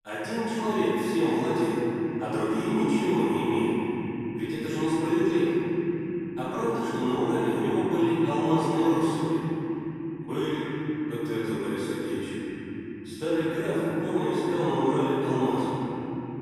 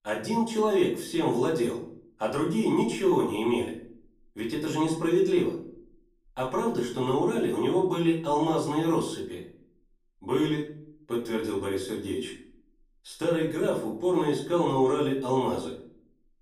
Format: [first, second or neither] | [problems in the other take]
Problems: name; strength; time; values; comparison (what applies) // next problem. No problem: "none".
second | room echo; strong; dies away in 3 s; slight in the second // off-mic speech; far; far in the second